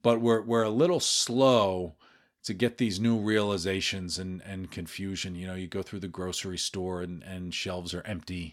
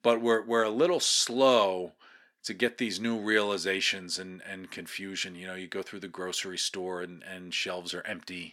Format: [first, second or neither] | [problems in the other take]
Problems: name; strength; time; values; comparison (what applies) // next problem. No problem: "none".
first | thin; very slightly; fading below 300 Hz